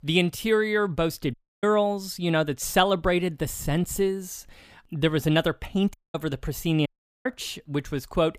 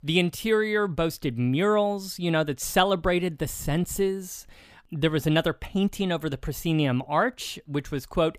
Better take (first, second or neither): second